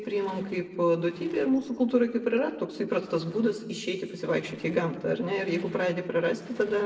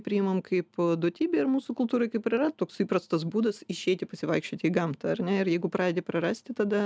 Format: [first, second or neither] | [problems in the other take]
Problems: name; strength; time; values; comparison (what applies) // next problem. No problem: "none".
second | noise reduction (neural separator model SepFormer DNS4)